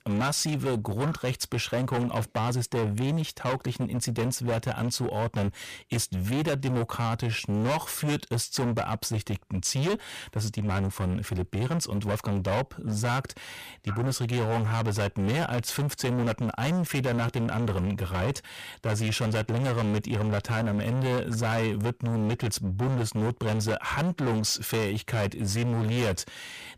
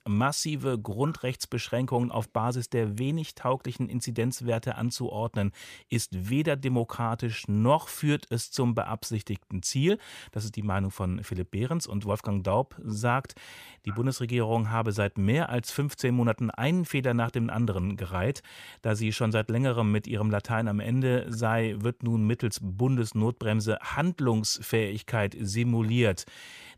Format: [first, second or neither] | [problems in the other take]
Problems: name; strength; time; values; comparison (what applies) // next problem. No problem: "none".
second | distortion; heavy; 26% of the sound clipped